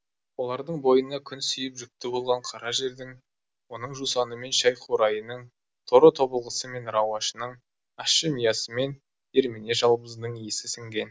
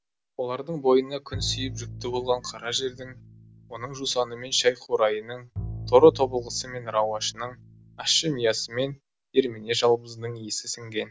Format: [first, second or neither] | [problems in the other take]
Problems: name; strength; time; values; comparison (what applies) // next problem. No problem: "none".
first | background sound (Bowed string instrument); 14 dB below the speech